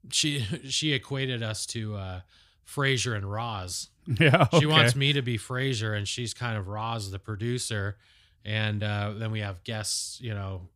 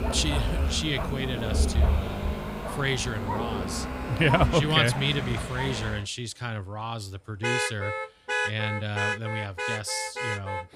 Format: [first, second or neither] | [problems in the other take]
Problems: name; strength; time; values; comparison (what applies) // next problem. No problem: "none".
first | traffic noise; loud; throughout; 1 dB below the speech